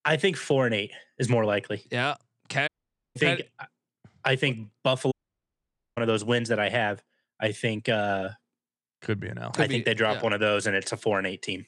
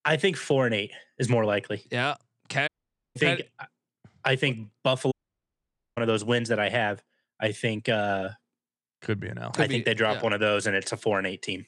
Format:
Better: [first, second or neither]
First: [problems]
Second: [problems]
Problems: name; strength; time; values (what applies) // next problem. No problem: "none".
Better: neither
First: audio cutting out; at 2.5 s and at 5 s for 1 s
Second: audio cutting out; at 2.5 s and at 5 s for 1 s